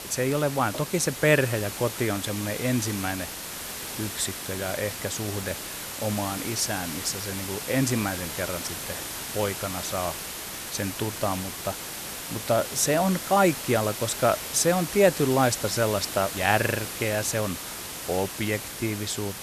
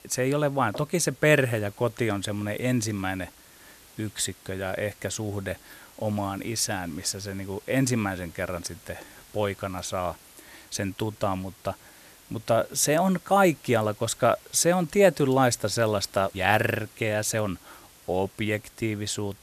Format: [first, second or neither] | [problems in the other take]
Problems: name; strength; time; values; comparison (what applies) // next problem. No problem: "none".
second | hiss; loud; throughout; 6 dB below the speech; faint in the second